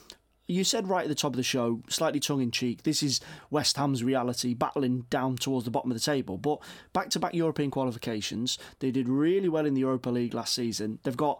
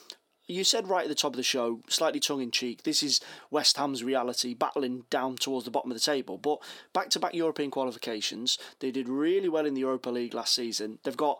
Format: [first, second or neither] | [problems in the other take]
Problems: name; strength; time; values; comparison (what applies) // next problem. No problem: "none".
first | thin; very slightly; fading below 400 Hz